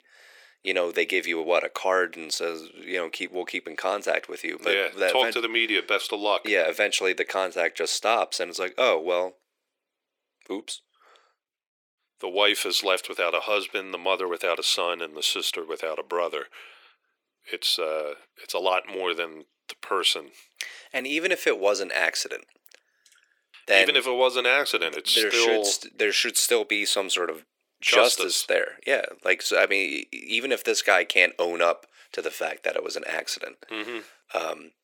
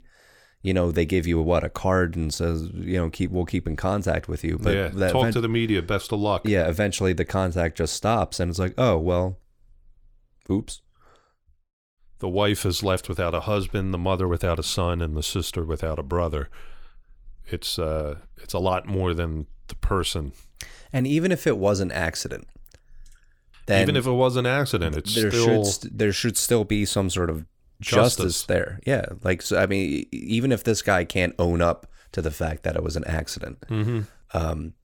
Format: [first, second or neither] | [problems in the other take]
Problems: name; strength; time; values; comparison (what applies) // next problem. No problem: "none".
second | thin; very; fading below 400 Hz